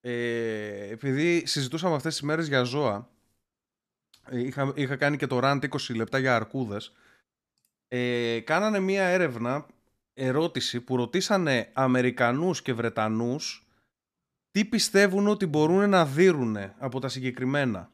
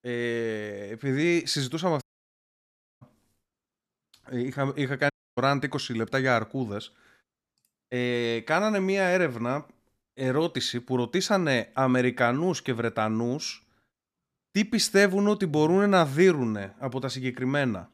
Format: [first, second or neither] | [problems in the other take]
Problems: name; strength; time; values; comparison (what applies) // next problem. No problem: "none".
first | audio cutting out; at 2 s for 1 s and at 5 s